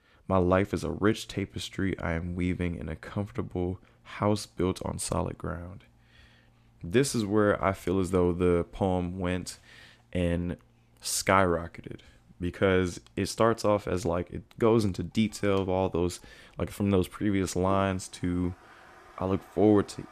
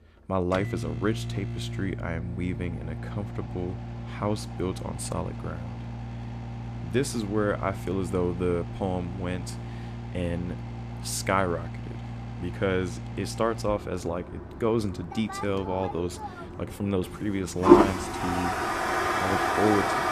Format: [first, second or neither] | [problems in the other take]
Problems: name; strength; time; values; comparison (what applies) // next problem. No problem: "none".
first | household noises; loud; throughout; 1 dB below the speech; faint in the first